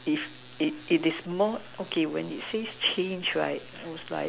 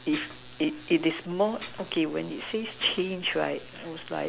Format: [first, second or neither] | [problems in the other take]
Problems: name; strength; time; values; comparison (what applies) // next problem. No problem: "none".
first | background sound (Dishes, pots, and pans); 18 dB below the speech